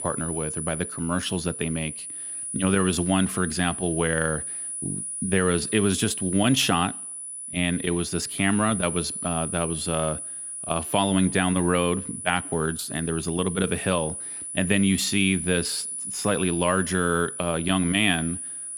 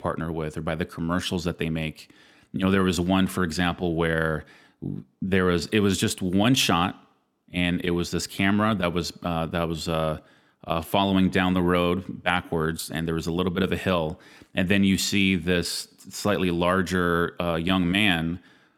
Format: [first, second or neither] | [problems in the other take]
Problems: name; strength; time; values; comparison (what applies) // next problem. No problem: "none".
second | high-pitched whine; loud; throughout; 10 kHz, 6 dB below the speech